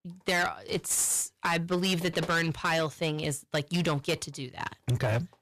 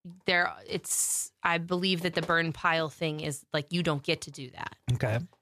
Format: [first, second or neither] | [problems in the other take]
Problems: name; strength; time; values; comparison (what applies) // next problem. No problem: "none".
second | distortion; heavy; 11% of the sound clipped